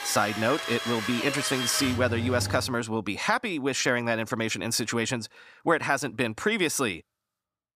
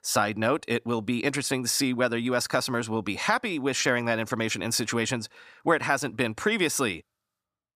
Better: second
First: machinery noise; loud; until 2.5 s; 5 dB below the speech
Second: none

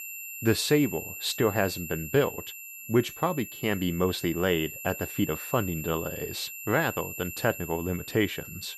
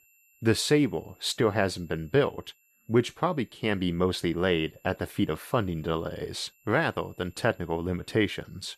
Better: second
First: high-pitched whine; loud; throughout; 2.5 kHz, 9 dB below the speech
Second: high-pitched whine; faint; throughout; 2.5 kHz, 35 dB below the speech

